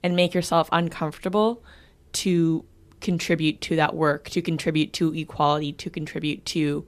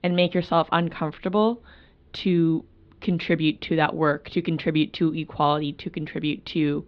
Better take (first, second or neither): first